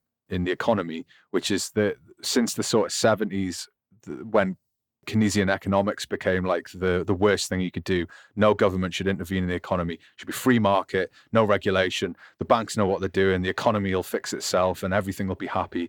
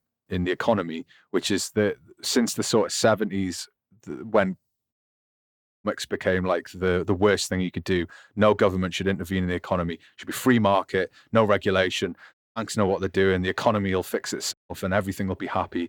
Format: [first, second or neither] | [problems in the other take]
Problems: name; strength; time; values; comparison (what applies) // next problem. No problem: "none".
first | audio cutting out; at 5 s for 1 s, at 12 s and at 15 s